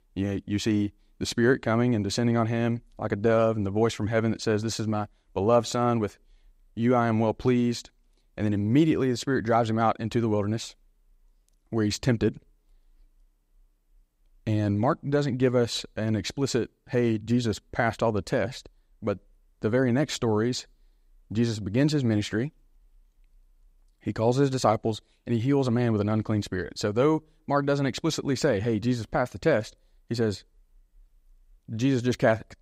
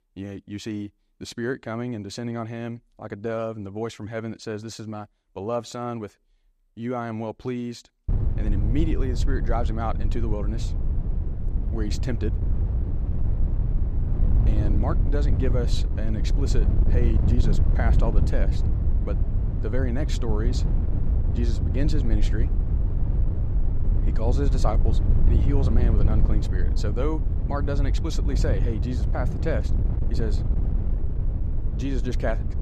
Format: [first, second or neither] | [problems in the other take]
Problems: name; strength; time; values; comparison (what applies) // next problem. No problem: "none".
first | wind noise on the microphone; heavy; from 8 s on; 6 dB below the speech